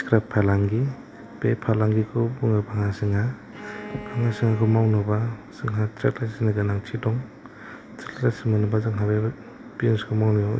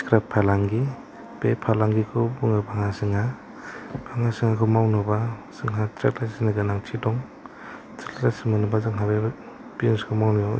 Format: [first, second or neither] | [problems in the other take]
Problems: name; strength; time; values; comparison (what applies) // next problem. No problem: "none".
second | background sound (Bowed string instrument); 18 dB below the speech // room echo; dies away in 0.6 s